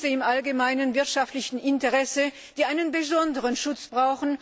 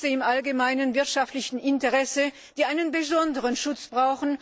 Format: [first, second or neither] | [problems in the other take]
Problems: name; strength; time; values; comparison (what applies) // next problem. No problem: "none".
first | noise reduction (neural mask model Resemble Enhance denoiser)